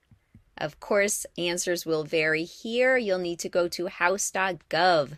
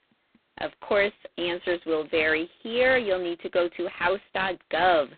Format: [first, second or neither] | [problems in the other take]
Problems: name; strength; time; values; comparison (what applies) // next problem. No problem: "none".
first | phone-call audio; poor line; nothing above 4 kHz